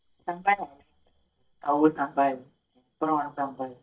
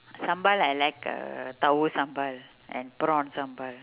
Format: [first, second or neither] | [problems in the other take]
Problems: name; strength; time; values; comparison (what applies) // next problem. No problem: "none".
second | noise reduction (neural mask model DeepFilterNet 3)